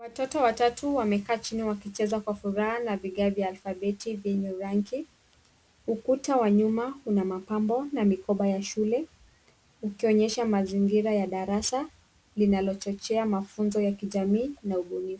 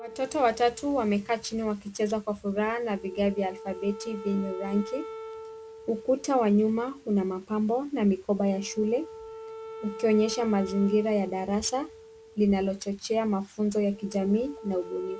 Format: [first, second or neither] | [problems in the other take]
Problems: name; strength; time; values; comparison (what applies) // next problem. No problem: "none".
first | background sound (Wind instrument, woodwind instrument); 16 dB below the speech